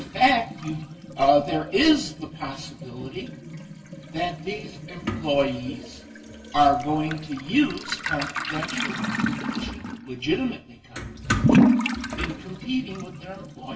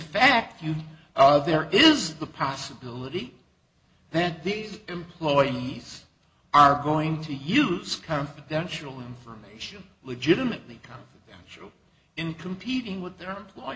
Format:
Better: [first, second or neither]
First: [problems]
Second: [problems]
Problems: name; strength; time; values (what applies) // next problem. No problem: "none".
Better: second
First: background sound (Toilet flush / Liquid); 2 dB below the speech // room echo; dies away in 0.1 s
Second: none